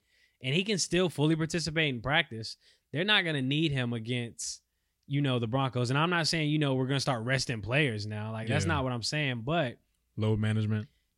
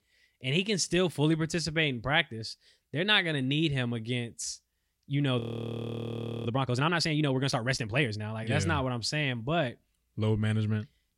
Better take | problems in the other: first | audio freezing; at 5.5 s for 1 s

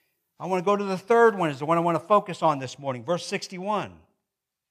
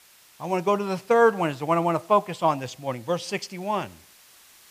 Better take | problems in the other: first | hiss; faint; throughout; 25 dB below the speech

